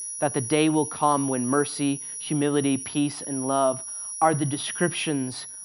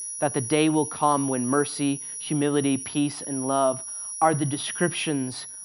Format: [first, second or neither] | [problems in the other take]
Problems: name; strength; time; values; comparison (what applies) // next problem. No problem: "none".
neither | high-pitched whine; loud; throughout; 10.5 kHz, 7 dB below the speech; the same in both